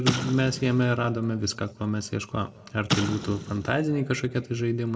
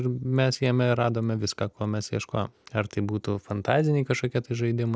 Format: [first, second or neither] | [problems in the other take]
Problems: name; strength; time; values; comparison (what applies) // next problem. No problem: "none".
second | background sound (Explosion); 7 dB below the speech // room echo; dies away in 0.8 s